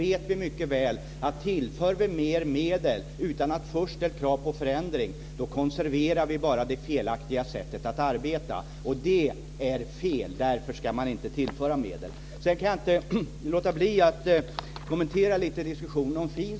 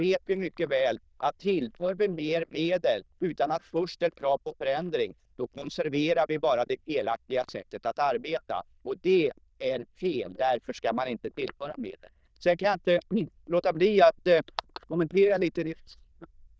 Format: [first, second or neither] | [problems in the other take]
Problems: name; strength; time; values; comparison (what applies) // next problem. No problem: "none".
first | noise reduction (neural diffusion model UNIVERSE++)